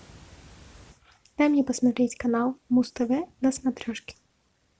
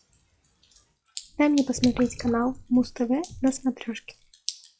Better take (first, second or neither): first